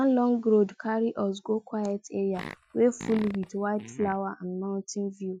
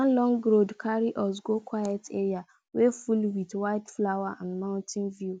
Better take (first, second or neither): second